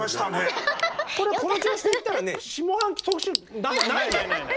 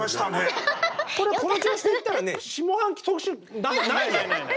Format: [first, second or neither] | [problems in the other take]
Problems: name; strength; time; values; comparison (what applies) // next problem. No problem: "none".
second | background sound (Tick / Bicycle); 12 dB below the speech